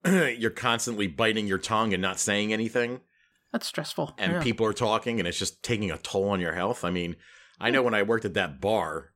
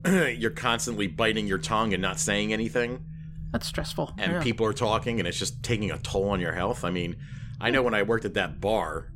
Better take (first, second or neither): first